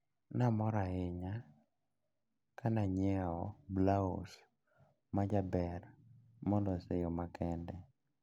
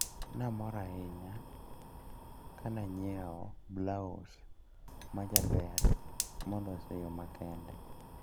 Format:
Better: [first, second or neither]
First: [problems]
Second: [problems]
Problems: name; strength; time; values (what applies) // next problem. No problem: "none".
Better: first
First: none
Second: background sound (Fire); 3 dB above the speech